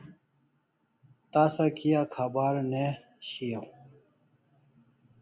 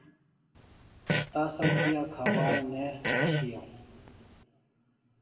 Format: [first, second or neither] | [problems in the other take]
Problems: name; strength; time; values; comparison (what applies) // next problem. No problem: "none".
first | background sound (Fart); 4 dB above the speech // room echo; dies away in 1.9 s